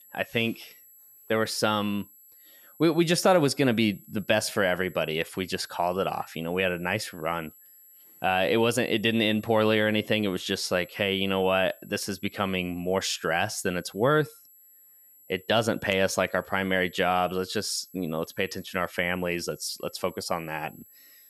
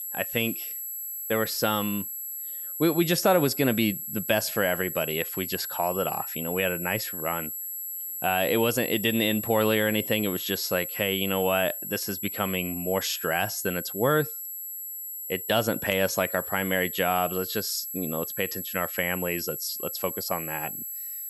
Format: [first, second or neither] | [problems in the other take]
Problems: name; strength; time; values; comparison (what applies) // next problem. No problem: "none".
first | high-pitched whine; loud; throughout; 11.5 kHz, 5 dB below the speech; faint in the first